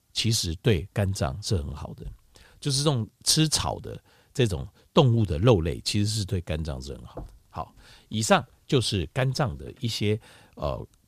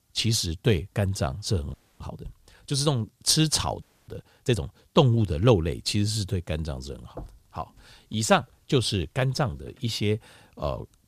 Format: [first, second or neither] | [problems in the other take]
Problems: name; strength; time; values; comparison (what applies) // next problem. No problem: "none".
first | audio freezing; at 1.5 s and at 4 s